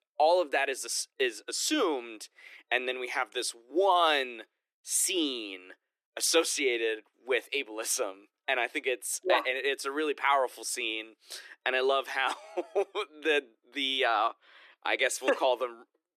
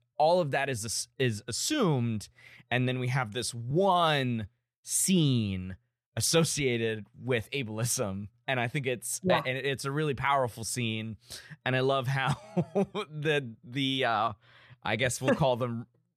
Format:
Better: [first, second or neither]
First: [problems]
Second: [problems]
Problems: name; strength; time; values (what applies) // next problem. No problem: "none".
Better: second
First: thin; very; fading below 300 Hz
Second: none